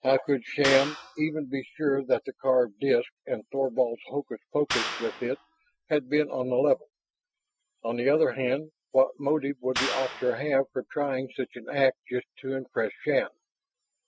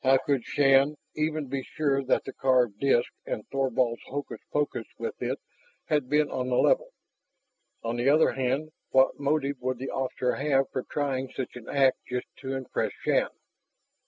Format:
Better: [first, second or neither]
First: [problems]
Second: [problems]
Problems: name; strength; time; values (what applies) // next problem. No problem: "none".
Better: second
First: noise reduction (classical method Wiener filter)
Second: none